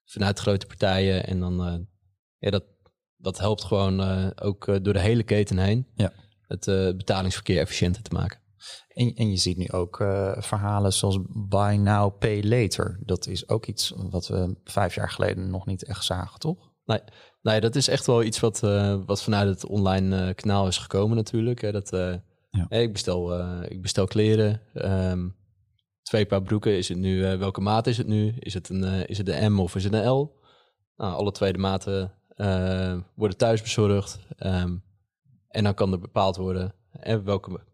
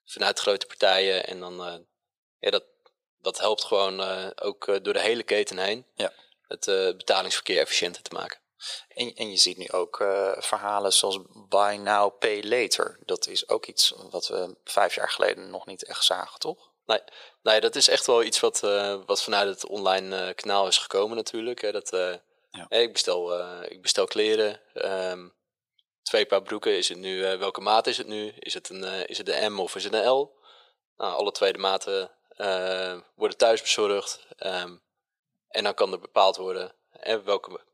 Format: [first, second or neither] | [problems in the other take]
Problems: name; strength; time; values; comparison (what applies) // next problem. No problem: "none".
first | thin; very; fading below 450 Hz